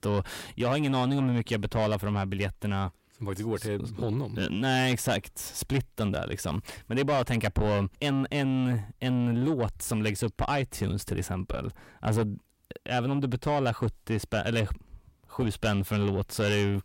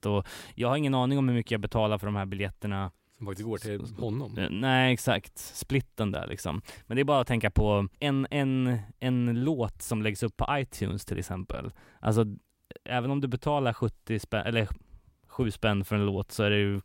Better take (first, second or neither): second